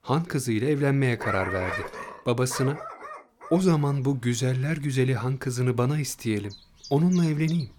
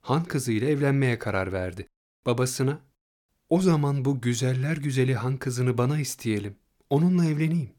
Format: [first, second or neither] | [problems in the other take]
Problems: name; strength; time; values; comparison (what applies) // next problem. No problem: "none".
second | animal sounds; noticeable; throughout; 10 dB below the speech